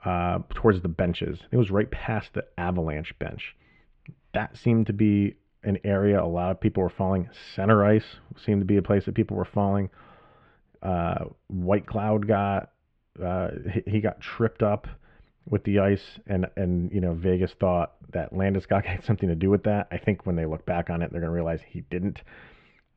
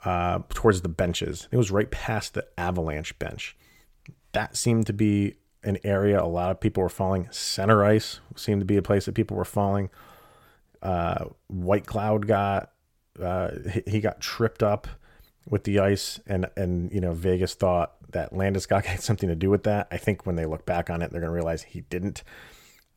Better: second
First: muffled; very; fading above 3 kHz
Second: none

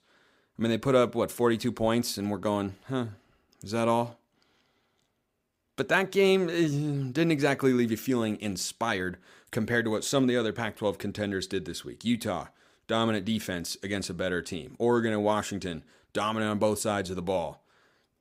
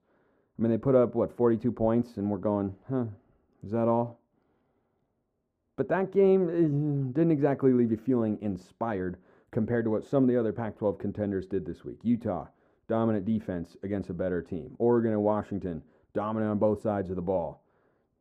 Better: first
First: none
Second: muffled; very; fading above 2 kHz

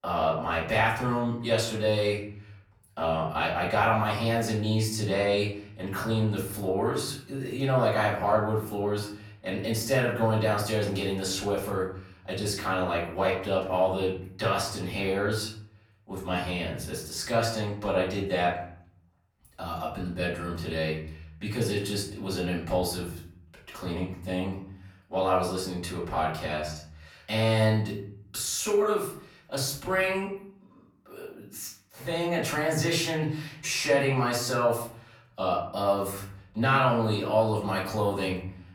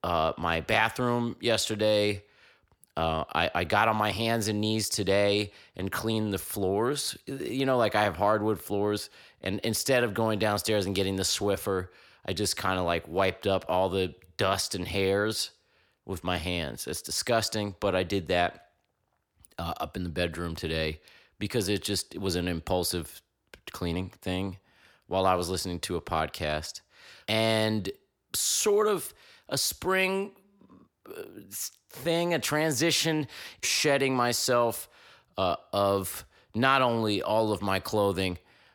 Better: second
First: off-mic speech; far // room echo; noticeable; dies away in 0.7 s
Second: none

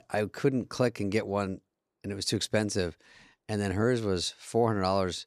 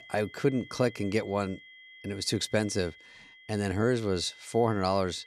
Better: first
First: none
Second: high-pitched whine; faint; throughout; 2 kHz, 20 dB below the speech

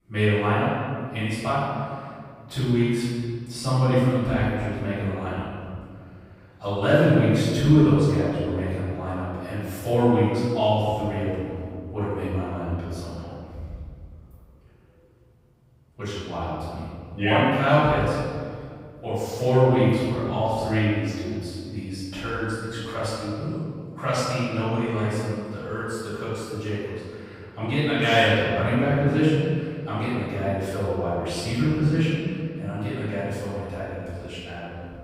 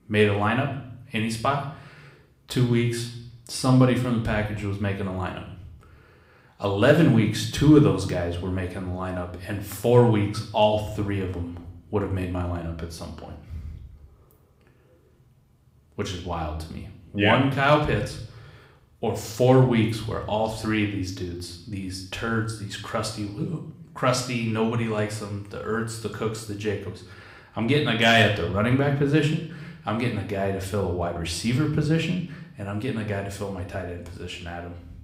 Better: second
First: room echo; strong; dies away in 1.9 s // off-mic speech; far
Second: room echo; slight; dies away in 0.6 s // off-mic speech; somewhat distant

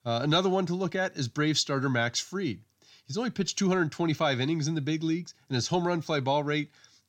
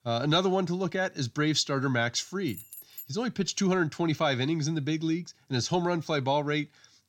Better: first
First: none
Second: jangling keys; faint; at 2.5 s; peak 15 dB below the speech

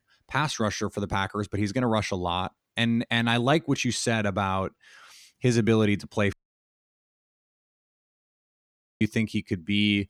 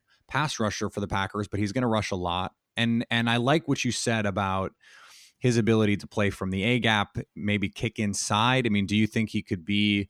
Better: second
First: audio cutting out; at 6.5 s for 2.5 s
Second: none

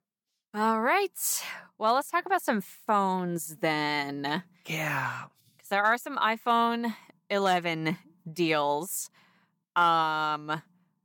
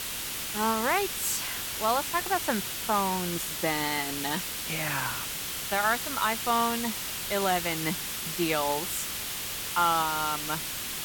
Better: first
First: none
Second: hiss; loud; throughout; 2 dB below the speech

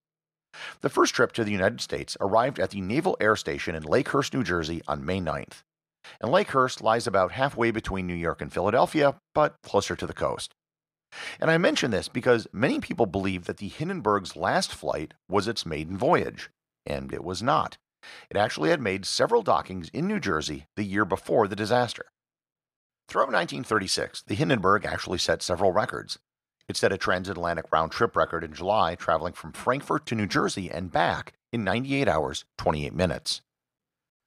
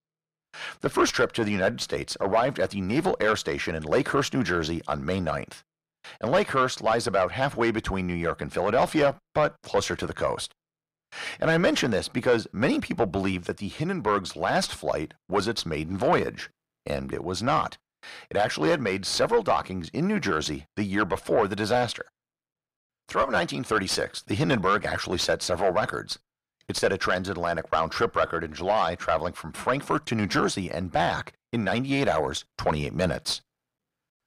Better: first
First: none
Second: distortion; slight; 10 dB below the speech

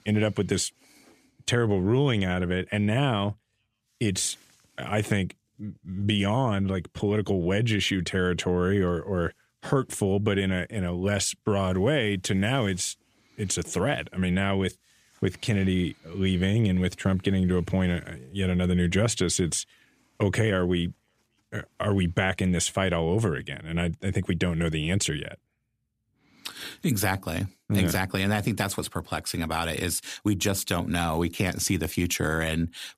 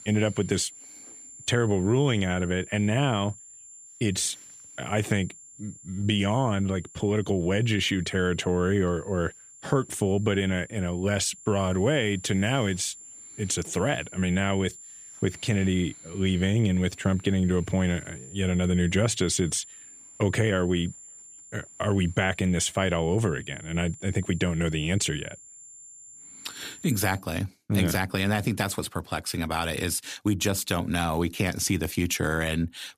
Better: first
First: none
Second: high-pitched whine; noticeable; until 27 s; 7.5 kHz, 20 dB below the speech

